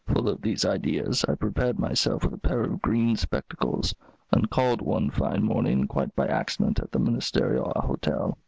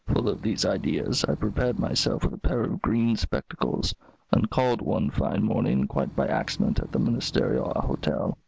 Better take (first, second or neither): first